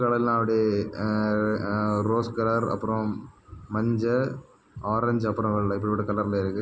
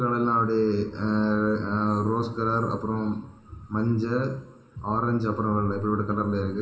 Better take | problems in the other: first | room echo; dies away in 0.8 s

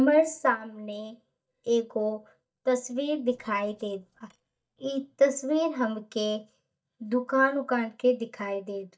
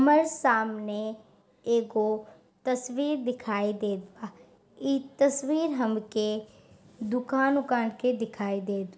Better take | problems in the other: second | noise reduction (neural mask model DeepFilterNet 3)

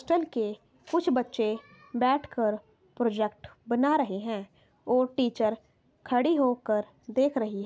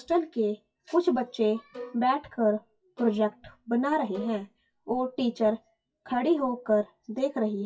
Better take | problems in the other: first | noise reduction (classical method WPE with log-MMSE)

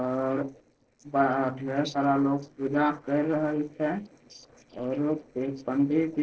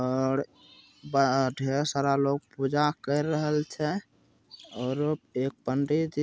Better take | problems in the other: second | noise reduction (neural separator model SepFormer DNS4)

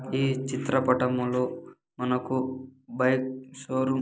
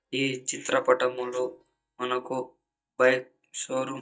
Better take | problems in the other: first | noise reduction (neural mask model DeepFilterNet 3)

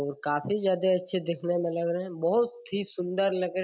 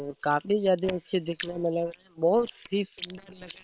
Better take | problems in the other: first | noise reduction (neural separator model SepFormer WHAM!)

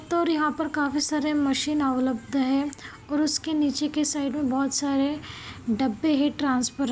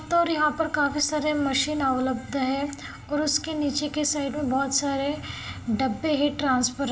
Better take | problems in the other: first | room echo; dies away in 0.7 s

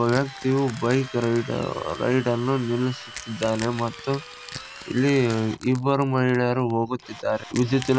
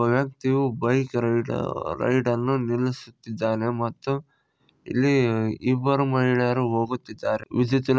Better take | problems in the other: second | background sound (Crack / Crushing + Drill); 16 dB below the speech

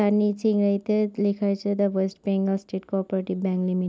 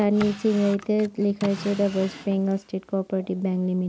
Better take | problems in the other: first | background sound (Drawer open or close); 17 dB below the speech

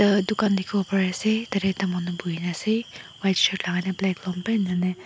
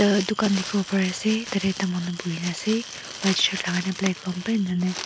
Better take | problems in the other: first | background sound (Crumpling, crinkling); 11 dB below the speech

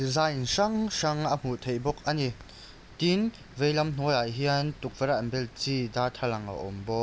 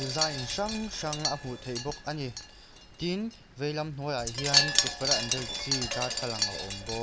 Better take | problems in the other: first | background sound (Wind chime); 2 dB above the speech

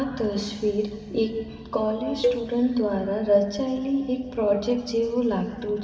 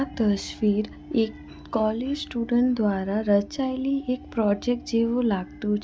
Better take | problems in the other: second | background sound (Cowbell); 6 dB below the speech // room echo; dies away in 2.1 s

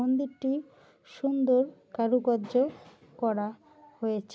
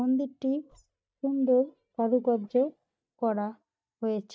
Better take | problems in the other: first | noise reduction (neural mask model DeepFilterNet 3)

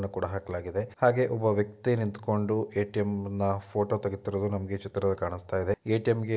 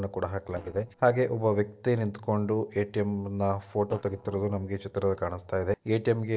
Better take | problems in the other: first | noise reduction (neural separator model SepFormer DNS4)

